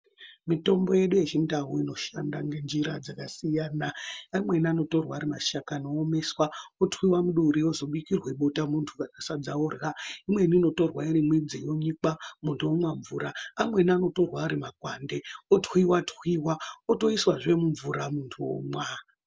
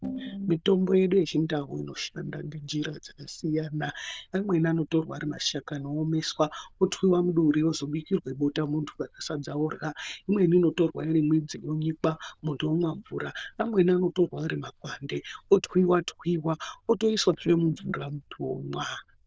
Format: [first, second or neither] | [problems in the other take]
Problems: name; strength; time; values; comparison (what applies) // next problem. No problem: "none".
first | noise reduction (neural diffusion model UNIVERSE++)